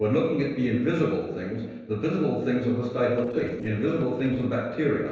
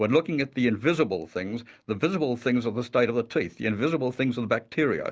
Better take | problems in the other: second | noise reduction (neural separator model SepFormer DNS4)

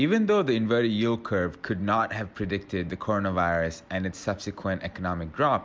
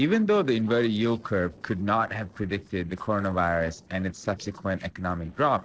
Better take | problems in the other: first | noise reduction (neural separator model SepFormer DNS4)

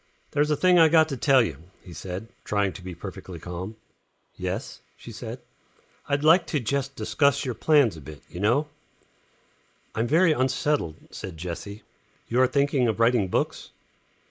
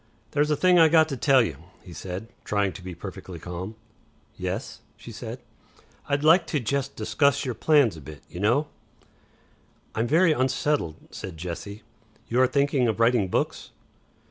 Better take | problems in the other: second | noise reduction (neural mask model Resemble Enhance denoiser)

